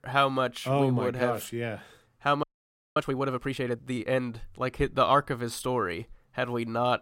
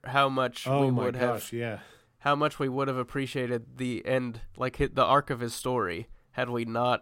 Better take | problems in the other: second | audio freezing; at 2.5 s for 0.5 s

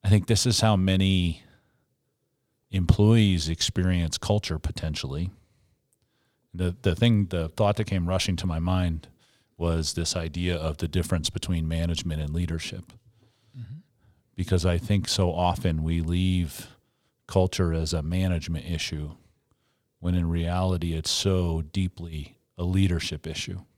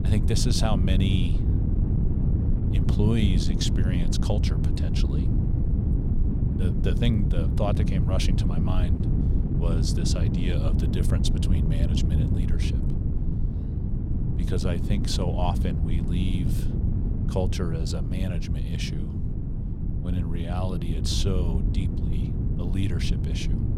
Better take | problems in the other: first | wind noise on the microphone; heavy; 3 dB below the speech

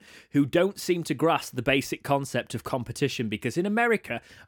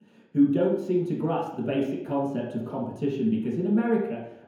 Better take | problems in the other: first | room echo; noticeable; dies away in 0.9 s // off-mic speech; far

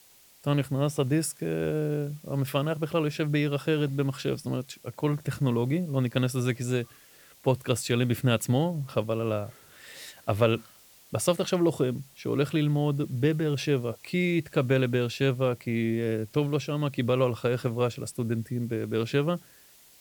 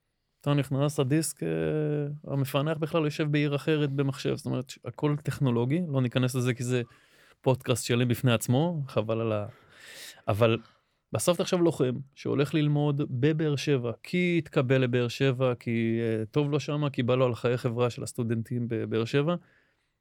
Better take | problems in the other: second | hiss; faint; throughout; 25 dB below the speech

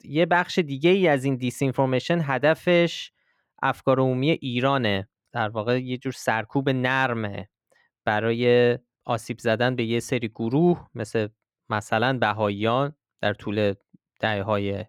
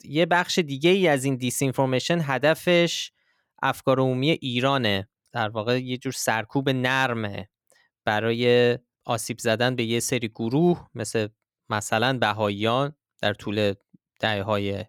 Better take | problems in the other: second | muffled; slightly; fading above 4 kHz

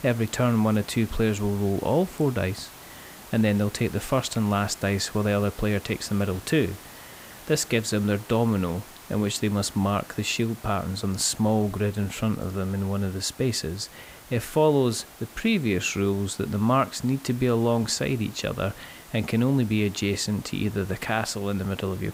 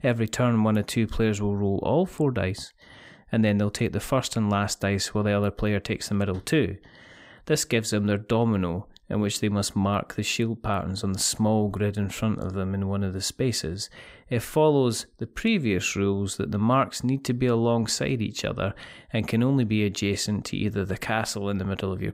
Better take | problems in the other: second | hiss; noticeable; throughout; 20 dB below the speech

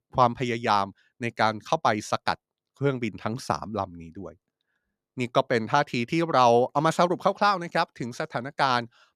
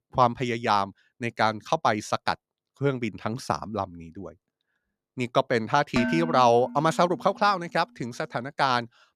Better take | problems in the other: first | clattering dishes; noticeable; at 6 s; peak 2 dB below the speech

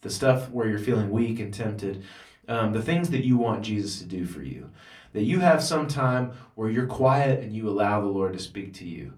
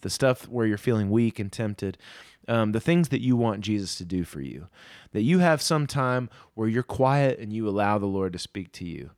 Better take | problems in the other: second | off-mic speech; far // room echo; very slight; dies away in 0.2 s

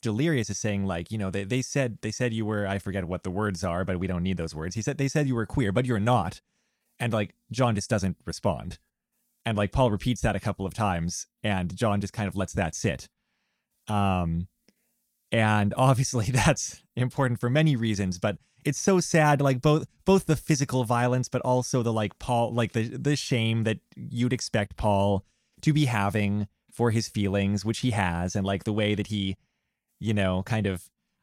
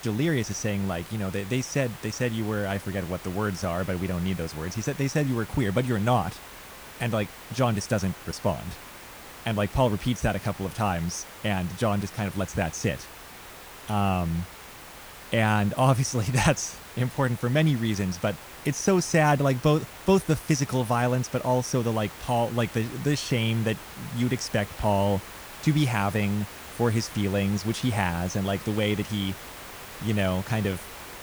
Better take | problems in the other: first | hiss; noticeable; throughout; 15 dB below the speech

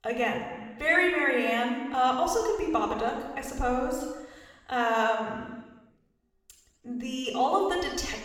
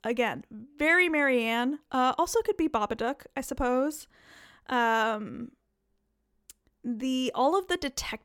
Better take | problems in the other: second | room echo; noticeable; dies away in 1.1 s // off-mic speech; somewhat distant

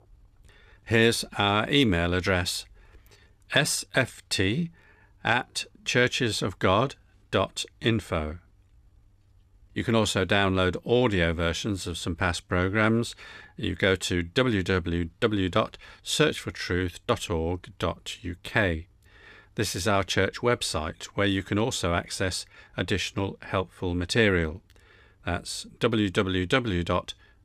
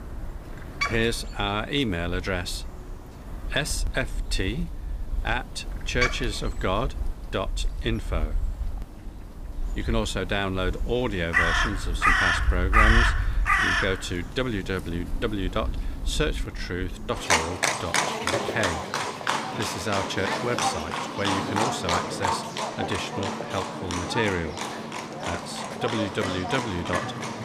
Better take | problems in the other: first | animal sounds; very loud; throughout; 2 dB above the speech

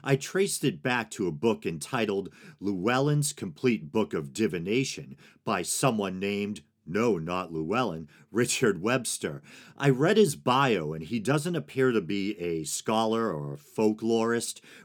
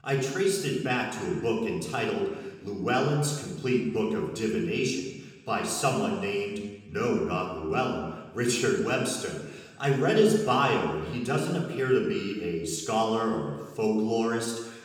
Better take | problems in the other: first | room echo; noticeable; dies away in 1.1 s // off-mic speech; somewhat distant

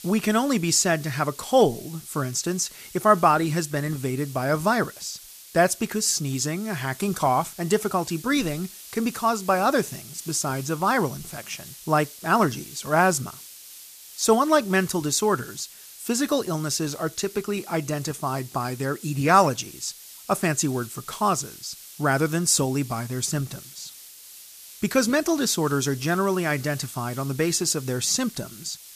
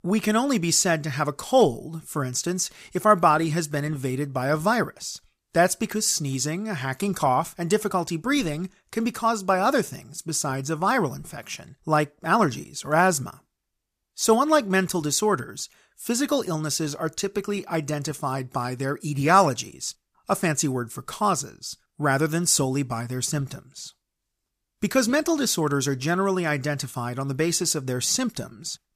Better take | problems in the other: second | hiss; noticeable; throughout; 15 dB below the speech

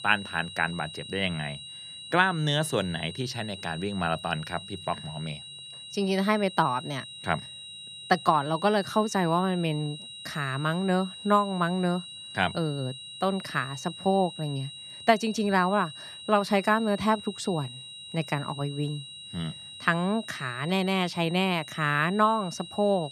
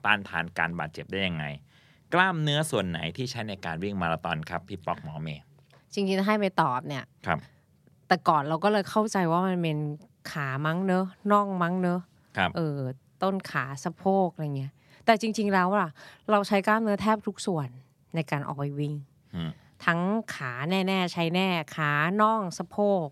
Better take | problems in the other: second | high-pitched whine; noticeable; throughout; 4 kHz, 10 dB below the speech

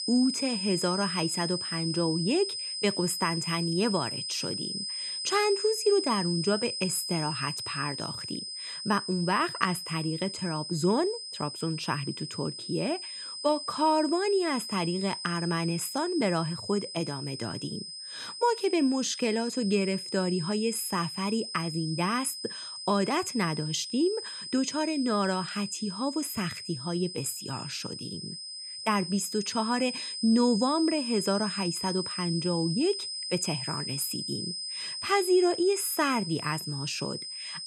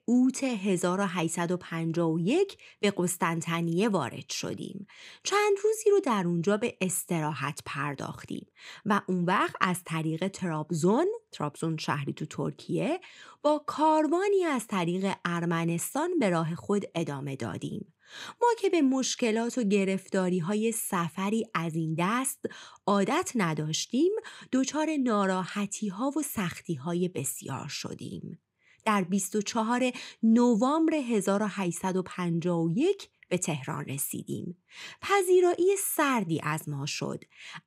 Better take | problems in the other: second | high-pitched whine; loud; throughout; 5 kHz, 5 dB below the speech

